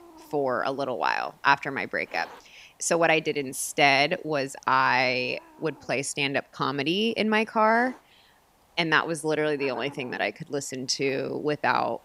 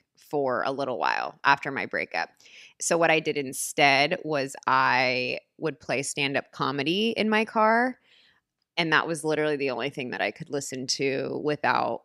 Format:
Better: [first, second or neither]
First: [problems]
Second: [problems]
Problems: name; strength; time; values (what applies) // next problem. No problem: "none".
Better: second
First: hiss; faint; throughout; 25 dB below the speech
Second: none